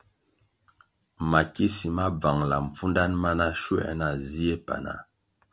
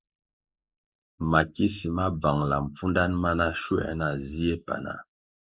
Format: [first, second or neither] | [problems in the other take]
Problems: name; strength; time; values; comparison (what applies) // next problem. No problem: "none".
first | noise reduction (neural mask model Resemble Enhance denoiser)